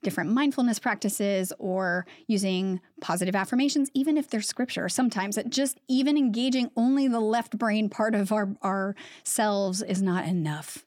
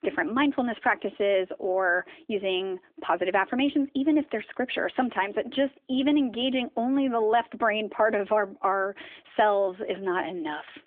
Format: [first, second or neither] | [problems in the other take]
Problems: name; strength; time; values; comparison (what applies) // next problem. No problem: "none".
first | phone-call audio; nothing above 3.5 kHz